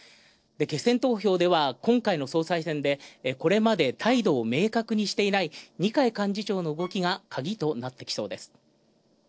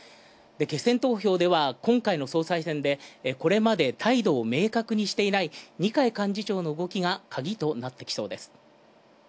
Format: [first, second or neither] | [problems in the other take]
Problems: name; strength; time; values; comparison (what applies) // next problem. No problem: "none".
second | noise reduction (neural separator model SepFormer DNS4)